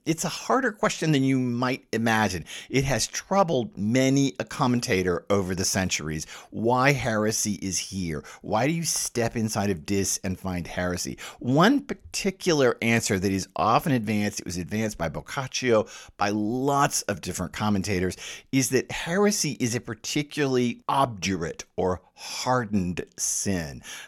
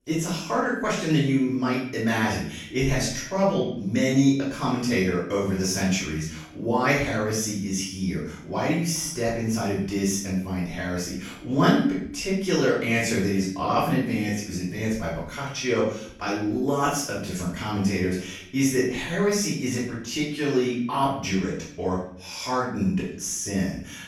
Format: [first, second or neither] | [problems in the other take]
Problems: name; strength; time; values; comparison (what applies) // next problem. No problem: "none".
first | off-mic speech; far // room echo; noticeable; dies away in 0.6 s